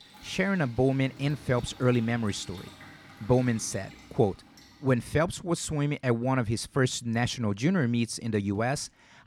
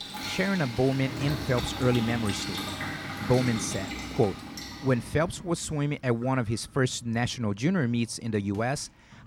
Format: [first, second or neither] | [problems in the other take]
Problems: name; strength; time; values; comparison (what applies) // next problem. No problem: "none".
first | household noises; loud; throughout; 6 dB below the speech; faint in the first